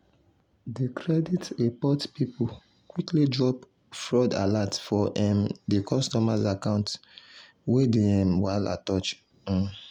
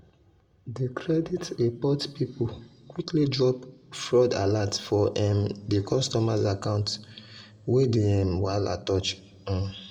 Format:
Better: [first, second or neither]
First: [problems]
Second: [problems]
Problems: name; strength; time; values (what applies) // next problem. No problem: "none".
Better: first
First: none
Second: room echo; dies away in 0.8 s